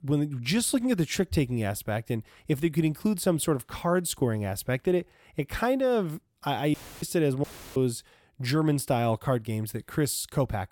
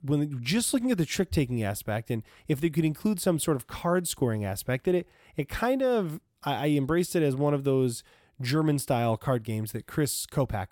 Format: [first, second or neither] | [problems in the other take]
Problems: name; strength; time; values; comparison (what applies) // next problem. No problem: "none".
second | audio cutting out; filled with static; at 6.5 s and at 7.5 s